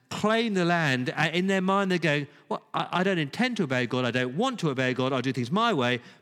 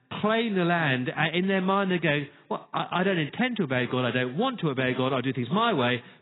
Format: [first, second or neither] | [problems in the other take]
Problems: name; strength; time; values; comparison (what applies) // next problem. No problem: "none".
first | garbled, watery; badly; nothing above 4 kHz